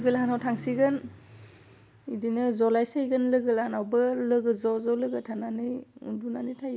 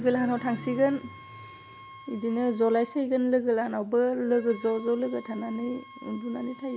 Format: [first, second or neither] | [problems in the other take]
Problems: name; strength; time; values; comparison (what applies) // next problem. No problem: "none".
first | background sound (Wind instrument, woodwind instrument); 20 dB below the speech